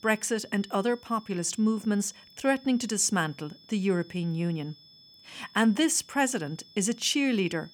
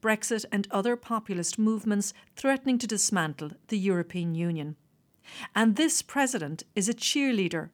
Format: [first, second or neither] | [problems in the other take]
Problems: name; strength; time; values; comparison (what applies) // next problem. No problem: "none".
second | high-pitched whine; faint; throughout; 5 kHz, 25 dB below the speech